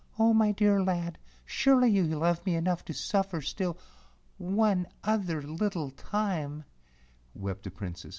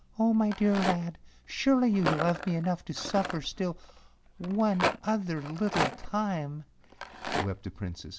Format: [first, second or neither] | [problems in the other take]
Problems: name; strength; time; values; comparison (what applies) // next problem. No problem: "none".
first | background sound (Rattle); 7 dB below the speech